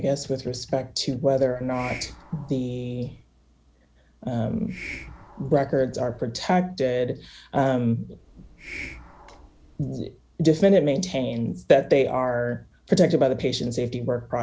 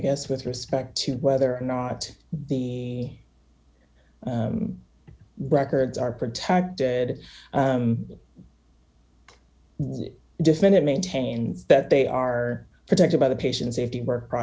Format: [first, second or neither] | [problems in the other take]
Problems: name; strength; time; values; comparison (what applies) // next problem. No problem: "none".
second | background sound (Hiss); 17 dB below the speech